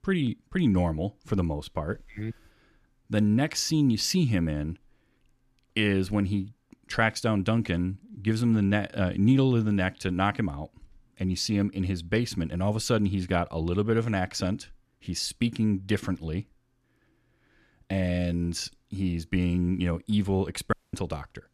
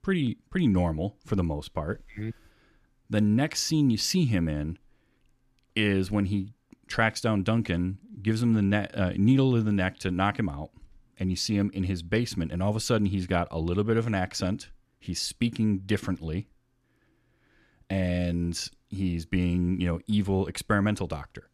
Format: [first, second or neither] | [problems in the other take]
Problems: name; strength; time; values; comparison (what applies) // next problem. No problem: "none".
second | audio cutting out; at 21 s